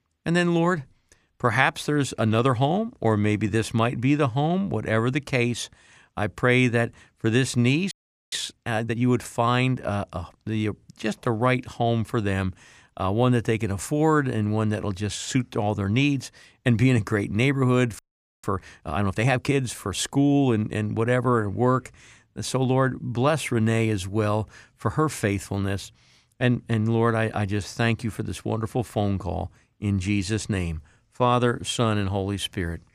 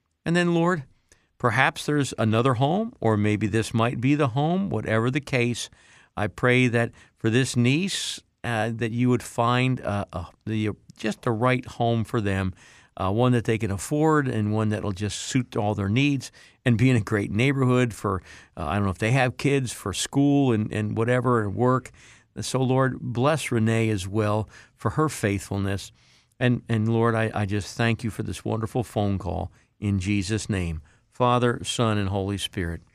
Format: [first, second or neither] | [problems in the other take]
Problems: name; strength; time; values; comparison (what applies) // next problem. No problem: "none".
second | audio freezing; at 8 s and at 18 s